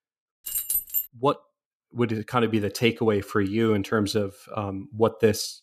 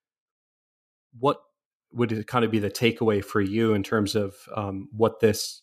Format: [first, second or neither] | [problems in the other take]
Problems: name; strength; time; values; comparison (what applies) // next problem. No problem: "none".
second | jangling keys; loud; at 0.5 s; peak 1 dB above the speech